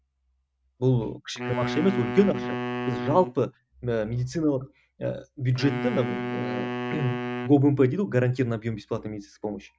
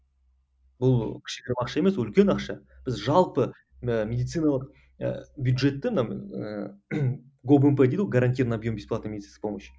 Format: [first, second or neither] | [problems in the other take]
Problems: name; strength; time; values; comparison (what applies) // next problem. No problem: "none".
second | noise reduction (neural mask model RNNoise)